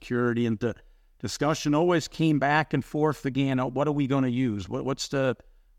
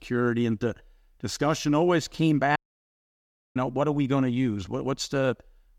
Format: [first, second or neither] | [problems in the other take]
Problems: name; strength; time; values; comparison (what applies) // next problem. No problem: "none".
first | audio cutting out; at 2.5 s for 1 s